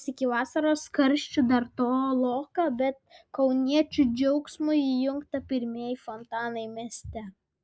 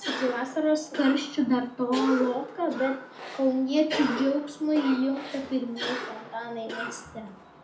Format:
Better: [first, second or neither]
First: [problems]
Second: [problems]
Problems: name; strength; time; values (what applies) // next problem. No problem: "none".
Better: first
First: none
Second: background sound (Cough); 9 dB below the speech // room echo; dies away in 0.4 s